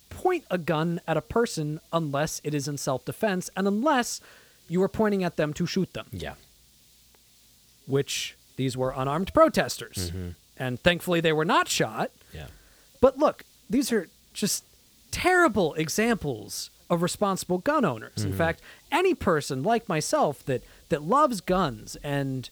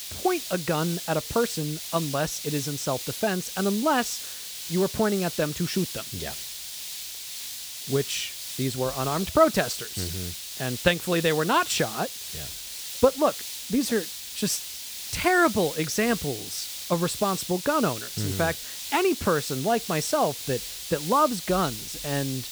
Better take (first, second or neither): first